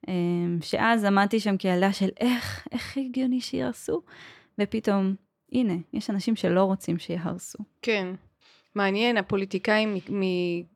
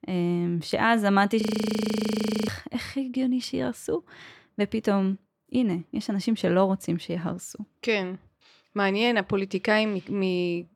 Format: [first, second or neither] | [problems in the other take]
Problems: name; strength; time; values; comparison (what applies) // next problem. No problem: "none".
first | audio freezing; at 1.5 s for 1 s